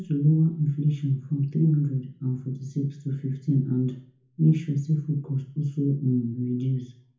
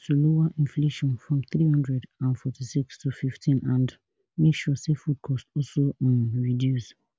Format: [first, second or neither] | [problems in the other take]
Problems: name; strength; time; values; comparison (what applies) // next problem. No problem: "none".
second | room echo; dies away in 0.6 s